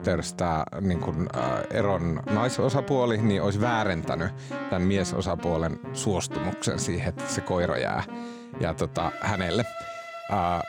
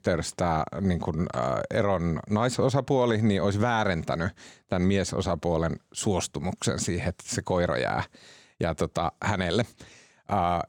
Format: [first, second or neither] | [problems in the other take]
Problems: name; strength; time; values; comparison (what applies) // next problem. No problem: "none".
second | background music; loud; throughout; 9 dB below the speech